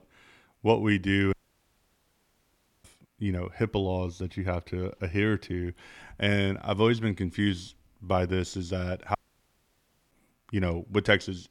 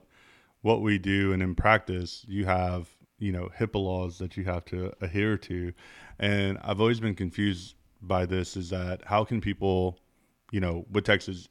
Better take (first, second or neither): second